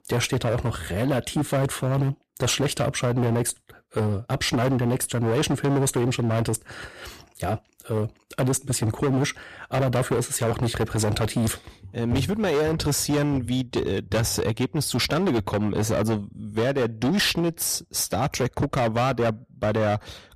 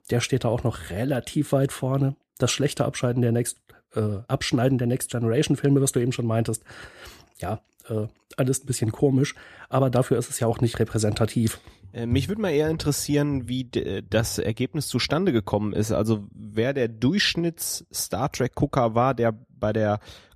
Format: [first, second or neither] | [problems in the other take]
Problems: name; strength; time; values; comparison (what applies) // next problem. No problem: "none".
second | distortion; heavy; 20% of the sound clipped